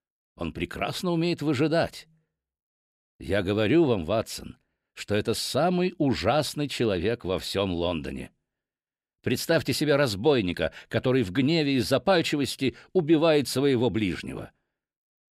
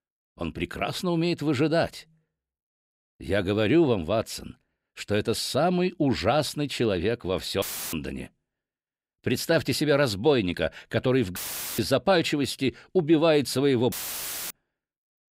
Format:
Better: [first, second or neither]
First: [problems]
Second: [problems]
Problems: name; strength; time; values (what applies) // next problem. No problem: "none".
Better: first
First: none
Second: audio cutting out; filled with static; at 7.5 s, at 11 s and at 14 s for 0.5 s